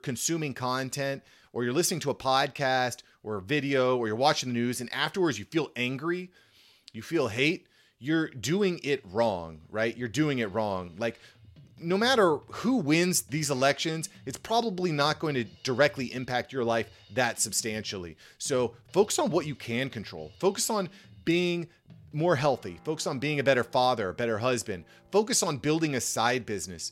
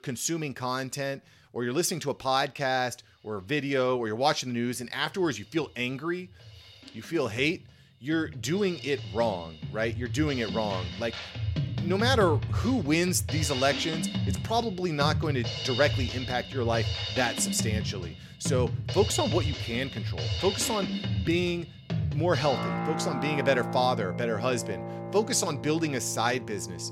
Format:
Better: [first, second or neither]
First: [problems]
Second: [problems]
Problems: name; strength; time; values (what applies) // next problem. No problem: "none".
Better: first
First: background music; faint; throughout; 30 dB below the speech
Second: background music; loud; throughout; 4 dB below the speech